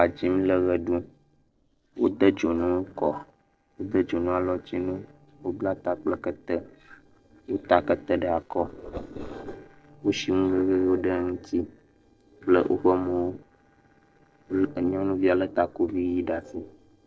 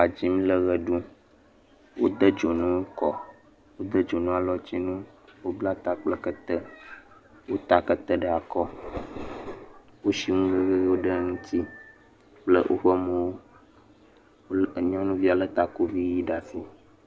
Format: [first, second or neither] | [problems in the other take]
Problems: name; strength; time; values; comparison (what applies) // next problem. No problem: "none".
second | noise reduction (neural separator model SepFormer DNS4)